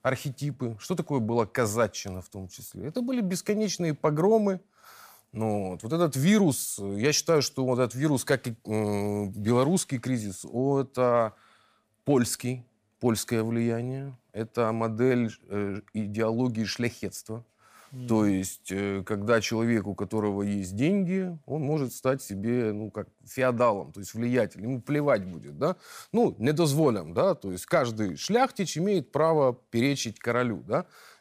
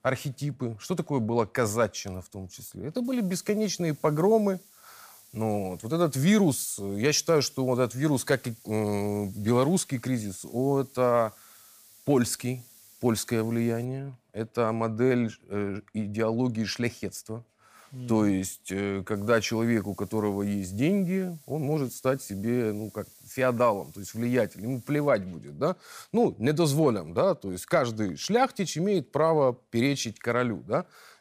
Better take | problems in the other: first | hiss; faint; from 3 to 14 s and from 19 to 25 s; 25 dB below the speech

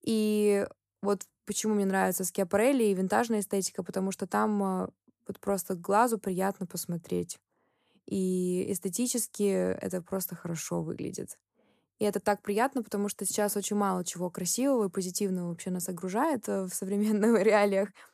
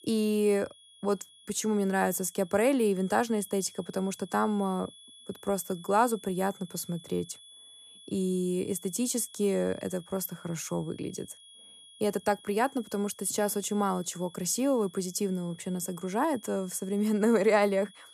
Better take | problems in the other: first | high-pitched whine; faint; throughout; 3.5 kHz, 20 dB below the speech

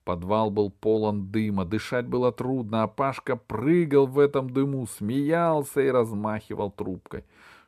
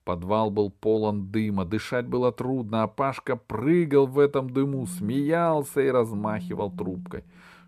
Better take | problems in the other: first | phone ringing; faint; from 4.5 s on; peak 10 dB below the speech

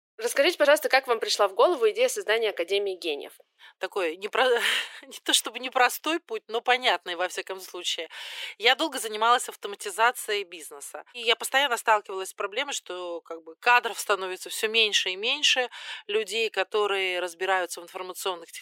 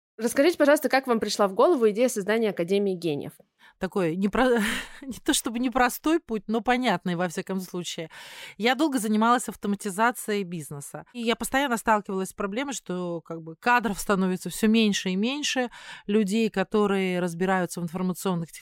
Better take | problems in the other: second | thin; very; fading below 400 Hz

